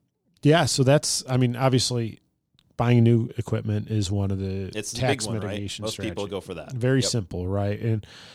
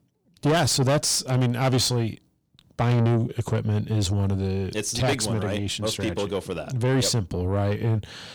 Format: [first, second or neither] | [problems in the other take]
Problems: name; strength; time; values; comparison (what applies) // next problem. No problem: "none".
first | distortion; heavy; 8 dB below the speech